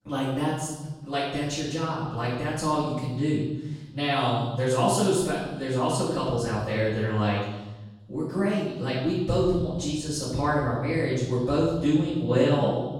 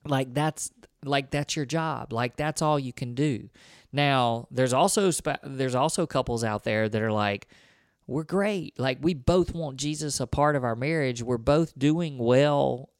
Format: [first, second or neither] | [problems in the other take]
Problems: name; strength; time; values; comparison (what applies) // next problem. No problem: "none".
second | room echo; strong; dies away in 1.2 s // off-mic speech; far